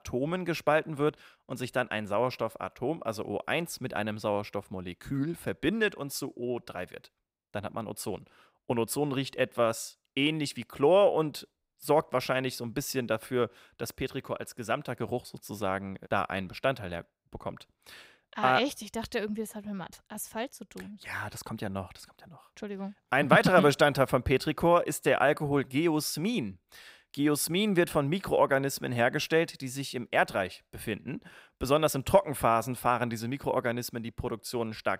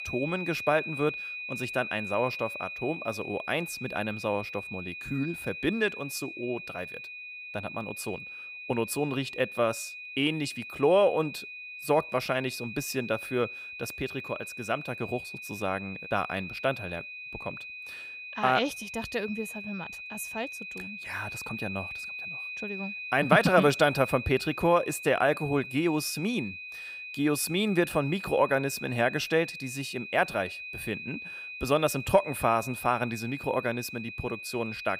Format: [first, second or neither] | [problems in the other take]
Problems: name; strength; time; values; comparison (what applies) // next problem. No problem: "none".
first | high-pitched whine; loud; throughout; 2.5 kHz, 9 dB below the speech